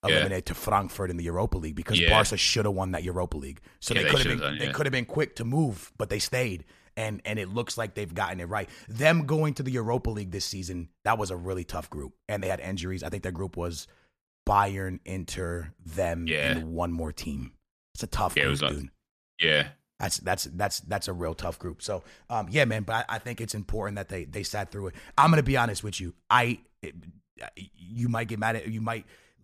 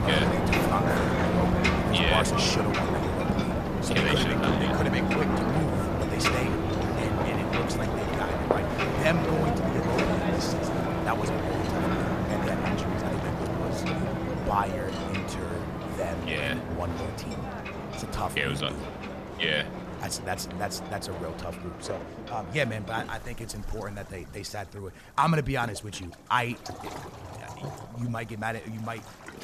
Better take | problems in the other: first | rain or running water; very loud; throughout; 3 dB above the speech

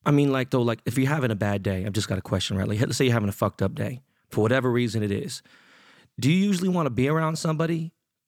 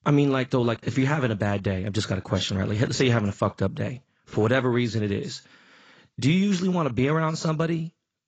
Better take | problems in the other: first | garbled, watery; badly; nothing above 7.5 kHz

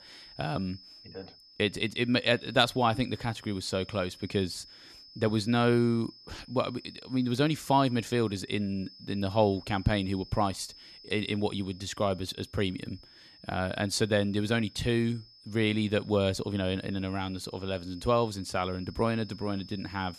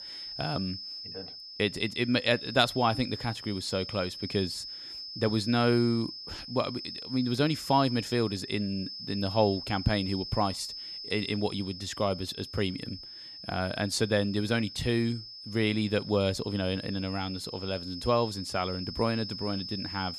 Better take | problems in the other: first | high-pitched whine; loud; throughout; 5 kHz, 9 dB below the speech; faint in the first

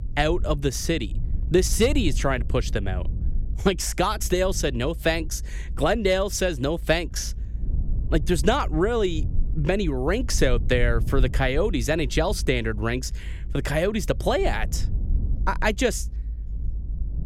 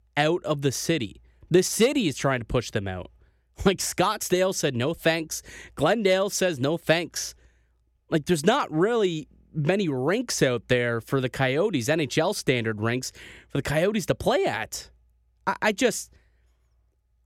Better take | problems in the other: second | low rumble; faint; throughout; 25 dB below the speech

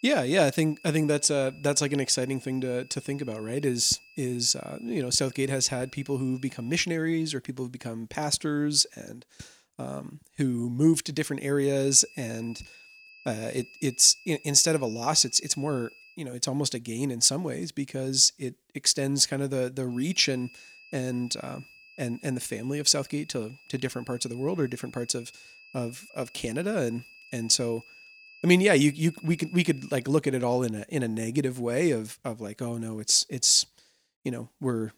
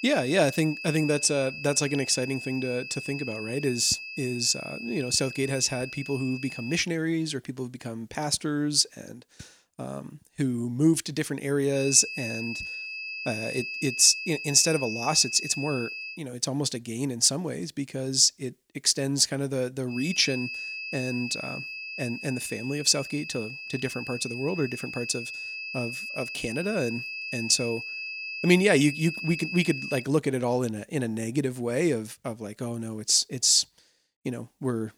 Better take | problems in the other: first | high-pitched whine; loud; until 7 s, from 12 to 16 s and from 20 to 30 s; 2.5 kHz, 8 dB below the speech; faint in the first

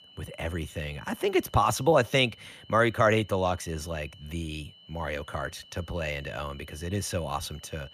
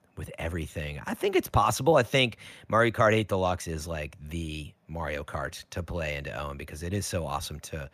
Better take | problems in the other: second | high-pitched whine; faint; throughout; 3 kHz, 25 dB below the speech

